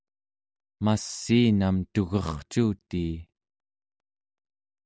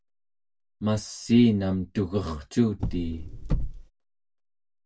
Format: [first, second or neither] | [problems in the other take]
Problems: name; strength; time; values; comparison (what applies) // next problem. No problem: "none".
first | background sound (Car); 2 dB below the speech // room echo; dies away in 0.1 s